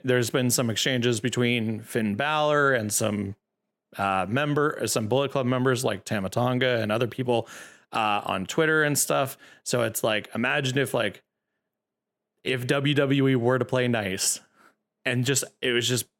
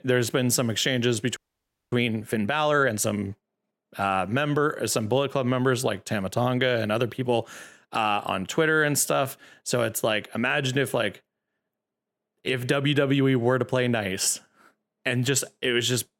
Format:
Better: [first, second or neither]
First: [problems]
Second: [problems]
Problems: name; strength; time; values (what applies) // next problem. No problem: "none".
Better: first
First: none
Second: audio freezing; at 1.5 s for 0.5 s